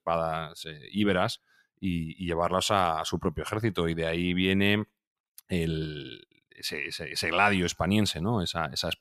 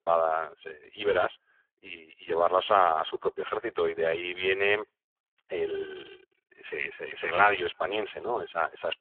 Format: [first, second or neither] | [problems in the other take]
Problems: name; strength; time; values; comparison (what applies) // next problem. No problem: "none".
first | phone-call audio; poor line; nothing above 3.5 kHz